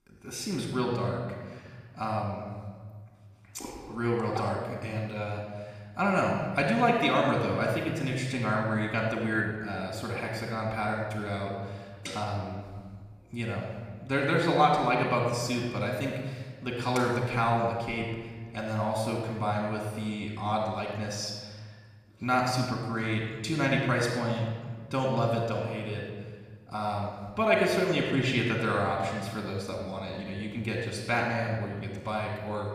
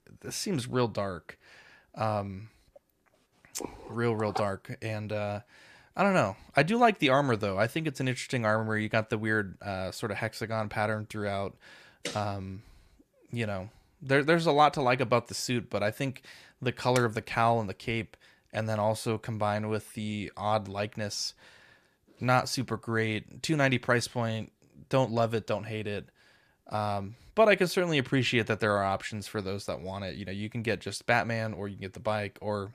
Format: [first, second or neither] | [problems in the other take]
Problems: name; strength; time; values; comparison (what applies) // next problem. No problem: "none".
second | off-mic speech; somewhat distant // room echo; noticeable; dies away in 1.4 s